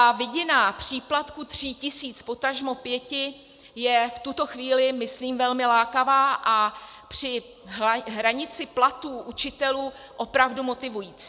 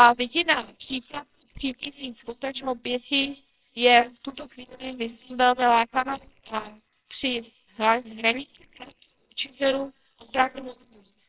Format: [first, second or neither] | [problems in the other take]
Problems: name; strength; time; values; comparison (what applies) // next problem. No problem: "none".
first | noise reduction (neural separator model SepFormer WHAMR!)